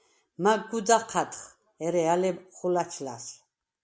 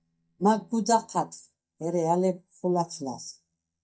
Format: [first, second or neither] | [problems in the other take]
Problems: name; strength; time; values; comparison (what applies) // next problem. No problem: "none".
first | noise reduction (neural mask model DeepFilterNet 3)